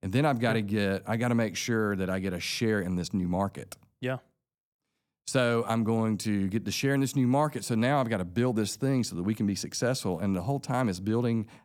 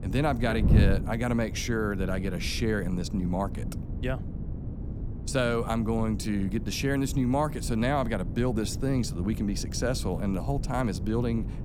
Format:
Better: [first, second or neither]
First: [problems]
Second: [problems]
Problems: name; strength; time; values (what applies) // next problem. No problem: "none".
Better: first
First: none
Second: wind noise on the microphone; occasional gusts; 15 dB below the speech